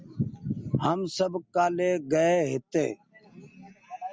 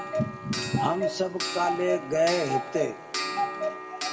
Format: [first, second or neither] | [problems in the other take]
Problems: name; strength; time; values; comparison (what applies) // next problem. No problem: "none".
first | background sound (Clock); 2 dB below the speech // room echo; dies away in 1.1 s